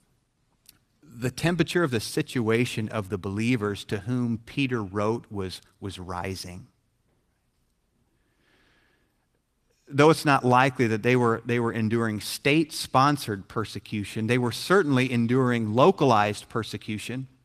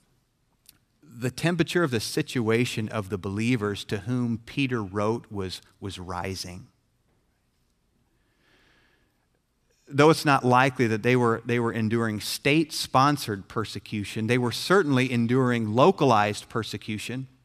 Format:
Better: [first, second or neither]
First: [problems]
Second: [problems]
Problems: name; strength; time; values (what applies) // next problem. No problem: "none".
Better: second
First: garbled, watery; slightly; nothing above 14.5 kHz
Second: none